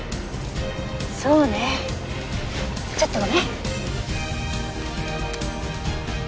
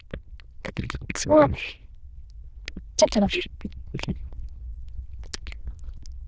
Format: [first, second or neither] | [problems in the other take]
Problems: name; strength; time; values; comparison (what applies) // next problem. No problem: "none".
first | noise reduction (neural diffusion model UNIVERSE++)